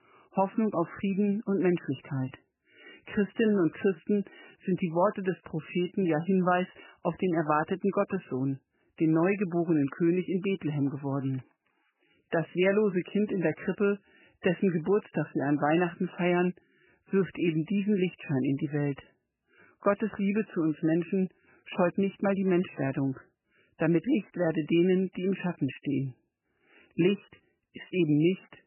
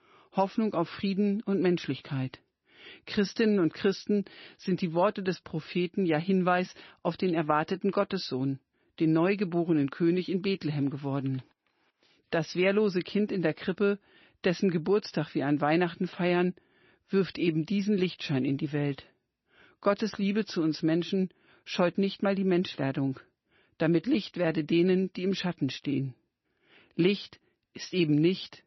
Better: second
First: garbled, watery; badly; nothing above 3 kHz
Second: garbled, watery; slightly; nothing above 6 kHz

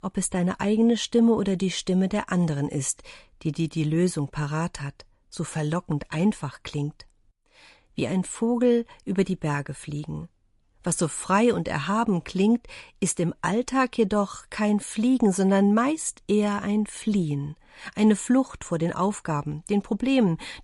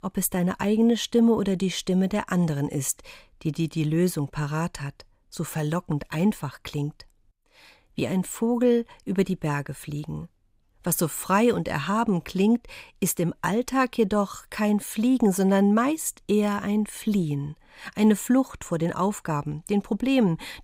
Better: second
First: garbled, watery; slightly; nothing above 11 kHz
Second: none

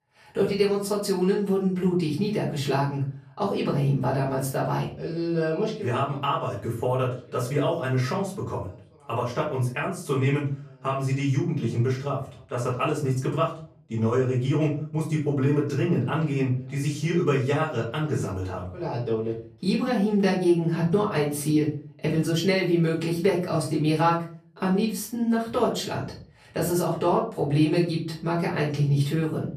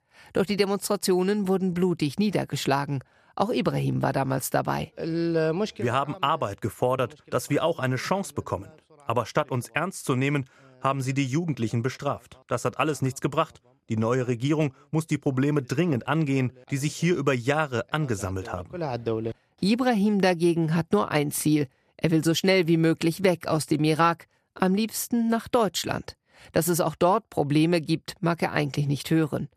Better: second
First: off-mic speech; far // room echo; slight; dies away in 0.4 s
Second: none

